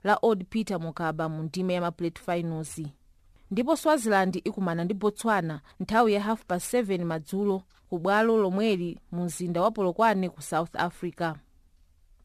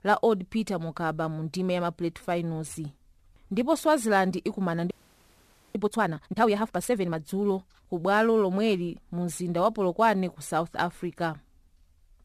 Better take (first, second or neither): first